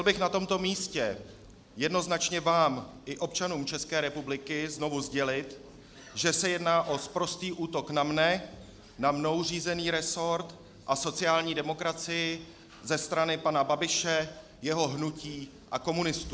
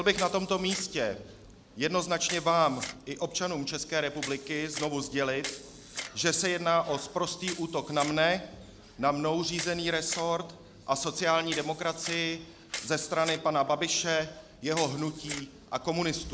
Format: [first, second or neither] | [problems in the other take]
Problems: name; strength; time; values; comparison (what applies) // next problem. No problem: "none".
first | background sound (Camera); 14 dB below the speech